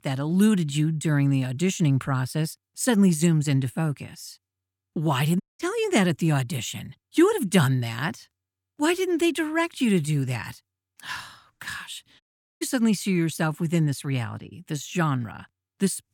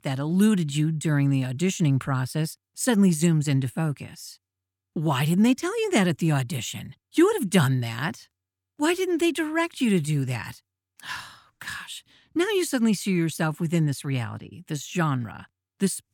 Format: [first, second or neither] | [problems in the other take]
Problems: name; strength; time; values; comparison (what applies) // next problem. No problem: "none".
second | audio cutting out; at 5.5 s and at 12 s